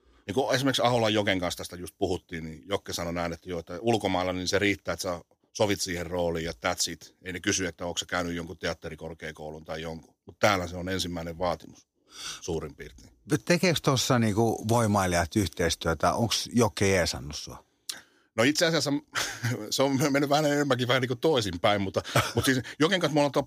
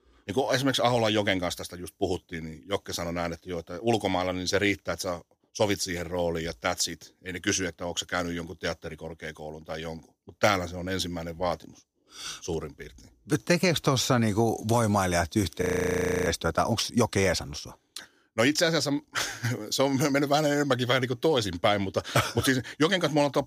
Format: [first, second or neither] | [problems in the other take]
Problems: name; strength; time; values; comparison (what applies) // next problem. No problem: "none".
first | audio freezing; at 16 s for 0.5 s